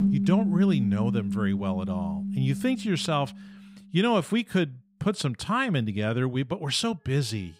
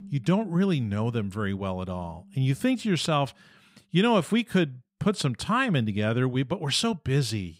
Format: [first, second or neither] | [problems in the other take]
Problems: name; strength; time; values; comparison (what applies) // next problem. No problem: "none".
second | background music; loud; throughout; 1 dB below the speech; faint in the second